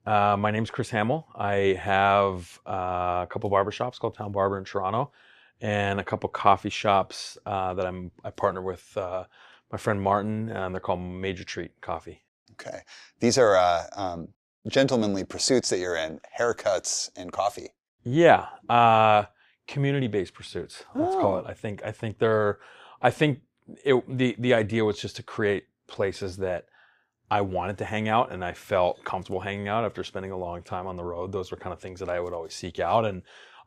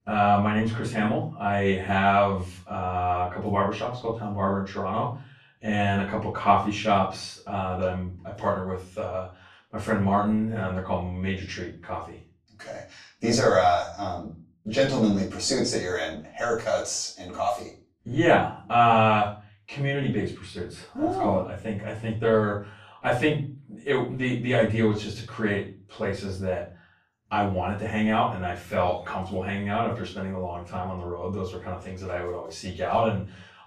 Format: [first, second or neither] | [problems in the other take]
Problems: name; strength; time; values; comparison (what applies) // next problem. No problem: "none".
first | off-mic speech; far // room echo; slight; dies away in 0.3 s